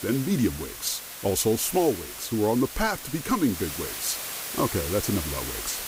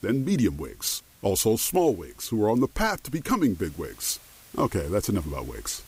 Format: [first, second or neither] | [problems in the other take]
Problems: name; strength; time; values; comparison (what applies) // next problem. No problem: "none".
second | hiss; loud; throughout; 7 dB below the speech; faint in the second